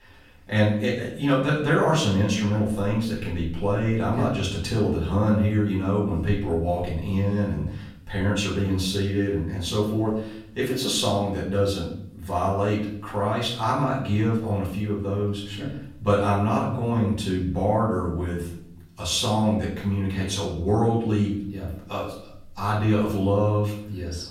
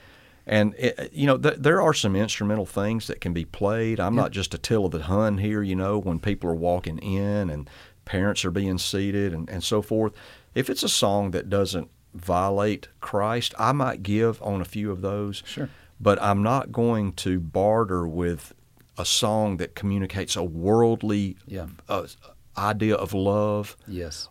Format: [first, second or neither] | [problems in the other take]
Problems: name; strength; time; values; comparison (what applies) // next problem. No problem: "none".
second | off-mic speech; far // room echo; noticeable; dies away in 0.6 s